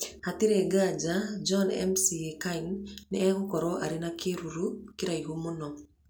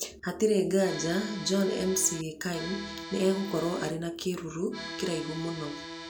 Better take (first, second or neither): first